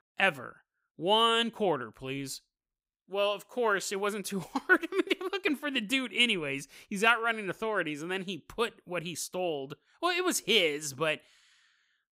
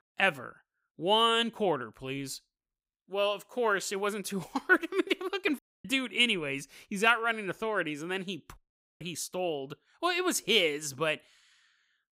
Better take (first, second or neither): first